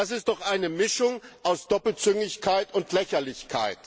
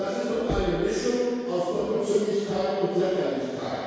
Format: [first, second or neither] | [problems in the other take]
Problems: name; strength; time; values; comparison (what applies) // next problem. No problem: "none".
first | background sound (Knock); 12 dB below the speech // room echo; dies away in 2 s